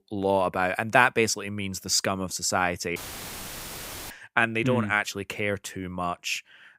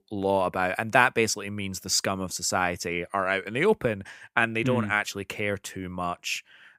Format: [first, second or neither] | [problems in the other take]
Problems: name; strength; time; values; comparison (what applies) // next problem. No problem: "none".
second | audio cutting out; filled with static; at 3 s for 1 s